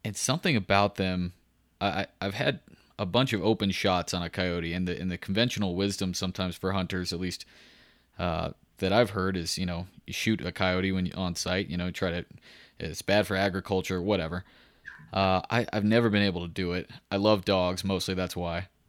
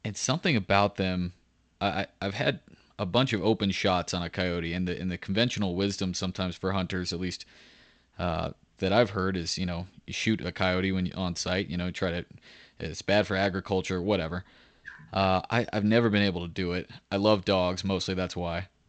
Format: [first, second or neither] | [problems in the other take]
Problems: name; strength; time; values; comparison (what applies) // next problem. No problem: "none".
first | garbled, watery; slightly